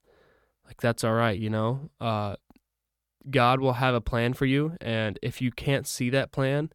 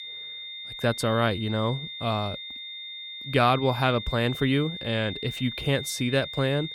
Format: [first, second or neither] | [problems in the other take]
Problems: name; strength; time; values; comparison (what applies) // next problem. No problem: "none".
first | high-pitched whine; loud; throughout; 3.5 kHz, 9 dB below the speech